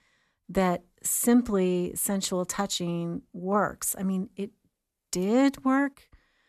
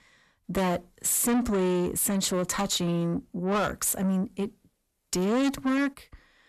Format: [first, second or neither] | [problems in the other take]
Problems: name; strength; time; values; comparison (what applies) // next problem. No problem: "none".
first | distortion; heavy; 6 dB below the speech